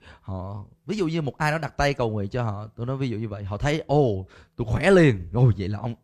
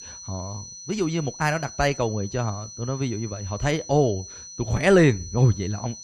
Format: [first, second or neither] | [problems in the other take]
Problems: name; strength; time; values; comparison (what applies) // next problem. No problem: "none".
first | high-pitched whine; noticeable; throughout; 6 kHz, 15 dB below the speech